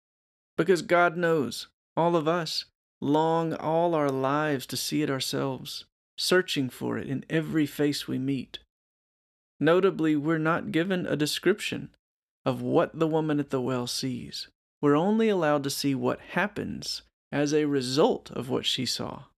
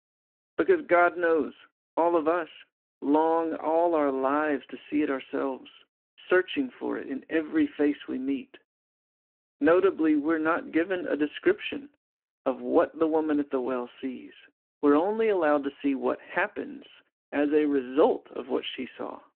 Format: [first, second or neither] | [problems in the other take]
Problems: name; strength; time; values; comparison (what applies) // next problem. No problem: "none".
first | phone-call audio